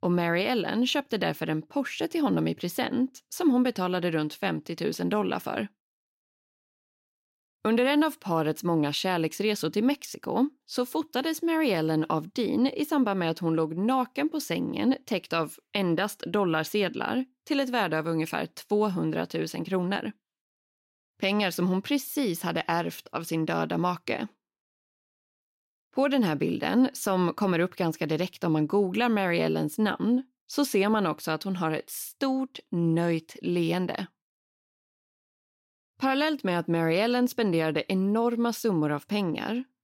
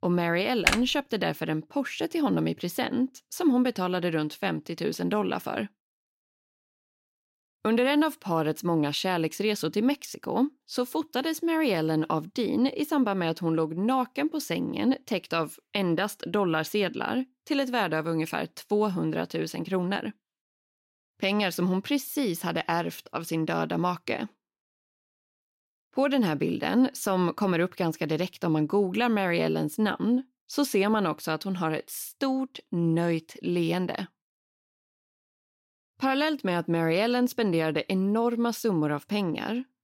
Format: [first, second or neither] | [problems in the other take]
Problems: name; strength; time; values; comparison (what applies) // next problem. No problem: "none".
first | keyboard typing; loud; at 0.5 s; peak 3 dB above the speech